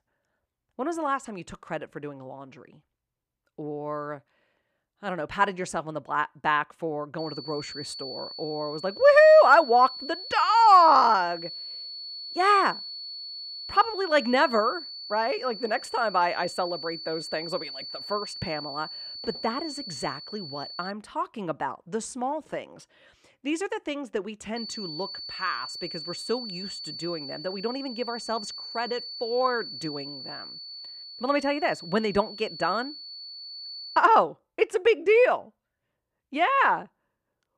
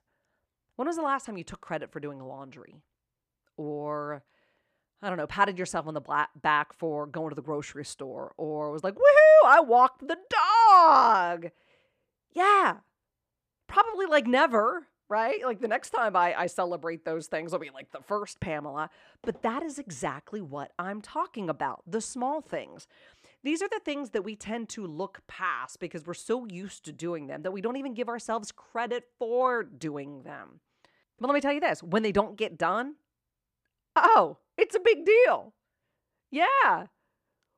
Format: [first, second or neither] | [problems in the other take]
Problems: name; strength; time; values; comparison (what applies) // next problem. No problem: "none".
second | high-pitched whine; noticeable; from 7 to 21 s and from 25 to 34 s; 4.5 kHz, 10 dB below the speech